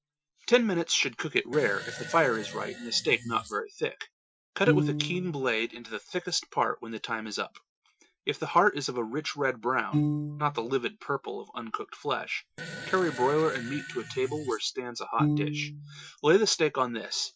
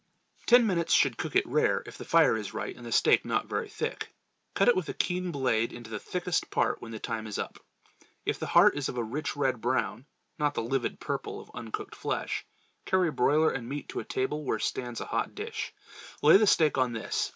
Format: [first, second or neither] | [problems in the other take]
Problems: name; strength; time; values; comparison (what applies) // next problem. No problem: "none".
second | noise reduction (classical method Wiener filter)